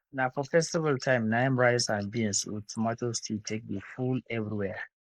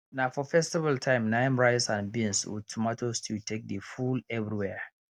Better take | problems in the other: second | noise reduction (neural mask model Resemble Enhance denoiser)

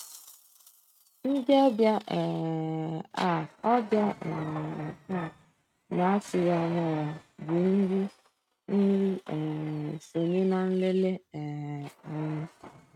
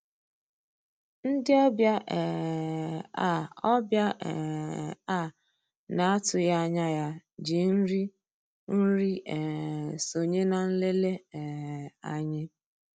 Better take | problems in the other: second | noise reduction (neural mask model RNNoise)

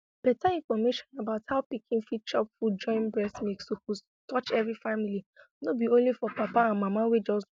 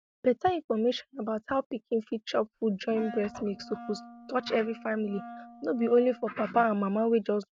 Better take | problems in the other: first | background sound (Wind instrument, woodwind instrument); 16 dB below the speech

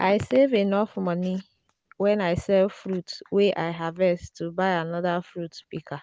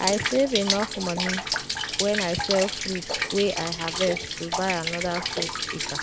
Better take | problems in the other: first | background sound (Rain); 2 dB below the speech

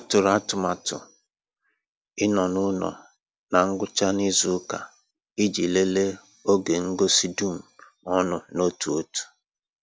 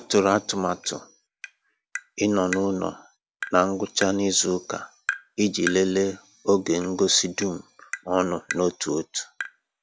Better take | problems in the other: first | background sound (Tap); 13 dB below the speech

